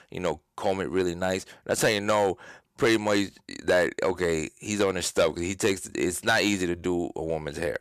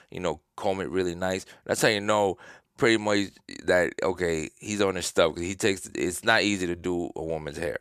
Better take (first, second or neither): second